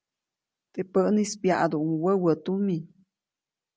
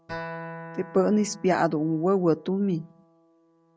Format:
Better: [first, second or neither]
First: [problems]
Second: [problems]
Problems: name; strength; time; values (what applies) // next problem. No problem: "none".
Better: first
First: none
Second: background sound (Acoustic guitar); 16 dB below the speech